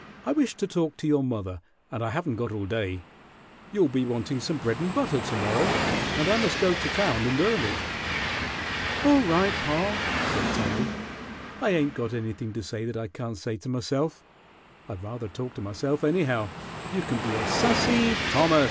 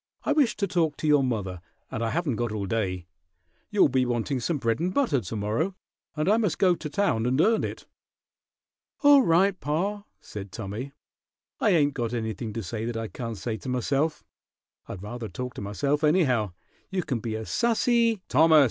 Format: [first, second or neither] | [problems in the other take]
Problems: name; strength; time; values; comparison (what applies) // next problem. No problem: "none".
second | background sound (Train); 4 dB below the speech